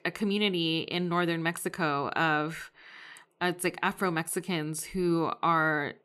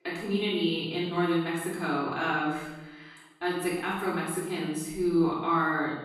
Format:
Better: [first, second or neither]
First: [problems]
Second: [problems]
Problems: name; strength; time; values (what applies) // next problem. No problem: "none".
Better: first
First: none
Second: off-mic speech; far // room echo; noticeable; dies away in 0.8 s